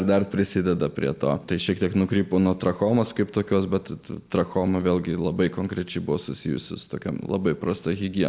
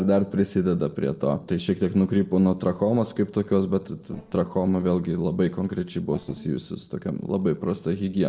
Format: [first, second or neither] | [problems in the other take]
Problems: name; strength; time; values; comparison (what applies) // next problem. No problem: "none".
first | noise reduction (neural separator model SepFormer DNS4)